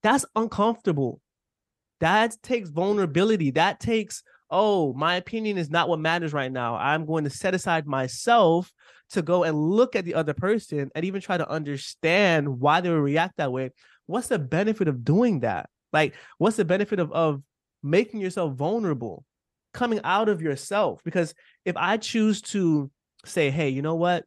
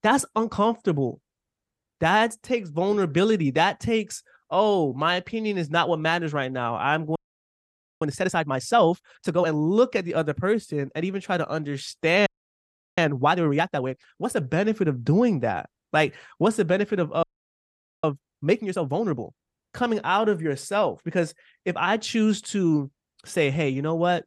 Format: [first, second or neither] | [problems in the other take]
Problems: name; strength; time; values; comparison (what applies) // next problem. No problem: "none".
first | audio freezing; at 7 s for 1 s, at 12 s for 0.5 s and at 17 s for 1 s